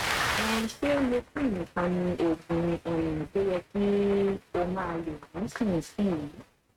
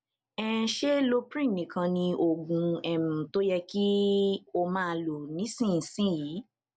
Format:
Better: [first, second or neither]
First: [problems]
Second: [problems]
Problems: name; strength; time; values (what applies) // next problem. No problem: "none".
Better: second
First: noise reduction (neural mask model RNNoise)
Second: none